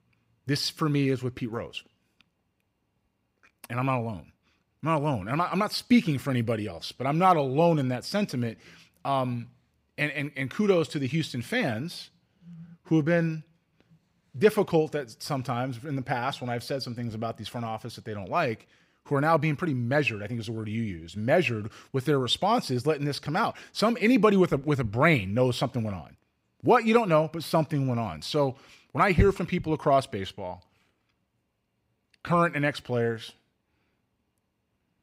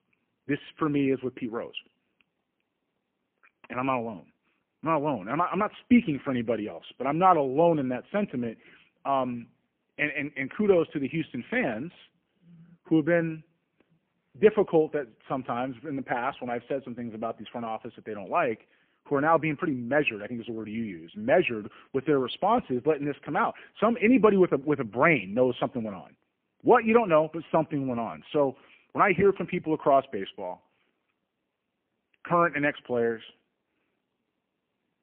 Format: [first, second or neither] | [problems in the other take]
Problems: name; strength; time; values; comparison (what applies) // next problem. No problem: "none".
first | phone-call audio; poor line